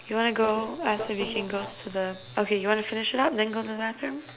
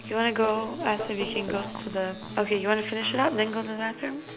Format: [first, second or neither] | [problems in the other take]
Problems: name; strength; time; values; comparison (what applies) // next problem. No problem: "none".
first | background sound (Fart + Acoustic guitar); 13 dB below the speech